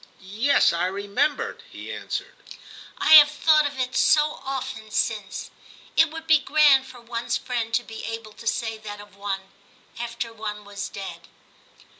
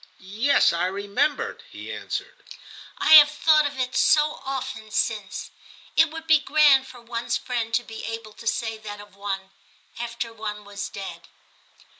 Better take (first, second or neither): first